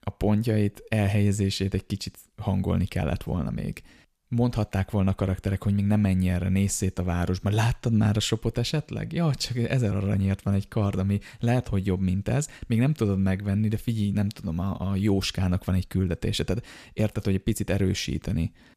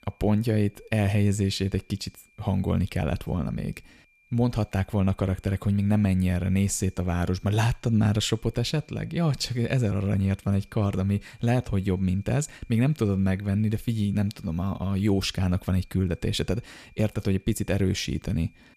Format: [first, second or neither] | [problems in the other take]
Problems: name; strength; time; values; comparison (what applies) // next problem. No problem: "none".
first | high-pitched whine; faint; throughout; 2.5 kHz, 35 dB below the speech